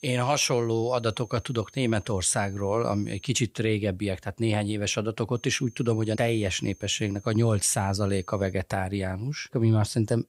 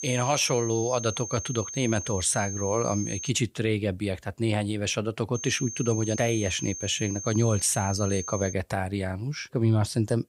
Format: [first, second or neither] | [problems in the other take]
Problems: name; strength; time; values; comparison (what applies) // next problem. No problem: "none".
first | high-pitched whine; loud; until 3.5 s and from 5.5 to 8.5 s; 6.5 kHz, 7 dB below the speech; faint in the first